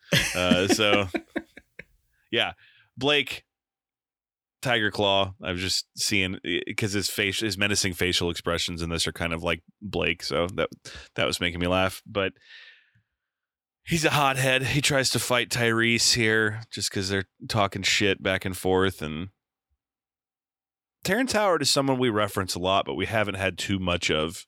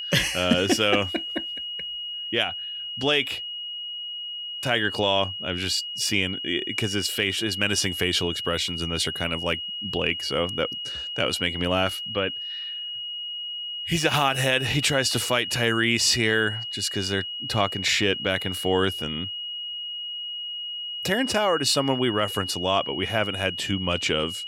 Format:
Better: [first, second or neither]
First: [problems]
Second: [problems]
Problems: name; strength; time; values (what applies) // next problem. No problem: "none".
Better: first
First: none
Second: high-pitched whine; loud; throughout; 3 kHz, 6 dB below the speech